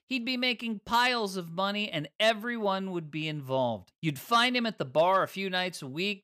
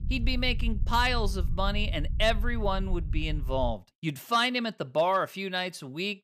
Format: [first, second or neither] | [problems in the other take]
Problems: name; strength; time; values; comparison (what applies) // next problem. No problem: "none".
first | low rumble; faint; until 3.5 s; 25 dB below the speech